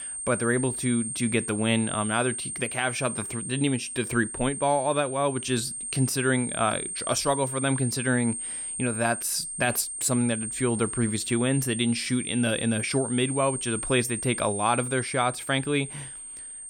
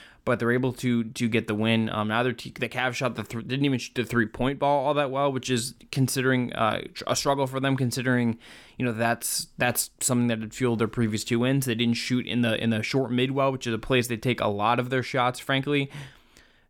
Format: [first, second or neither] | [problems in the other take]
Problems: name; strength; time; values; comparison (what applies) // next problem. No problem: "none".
second | high-pitched whine; loud; throughout; 8.5 kHz, 5 dB below the speech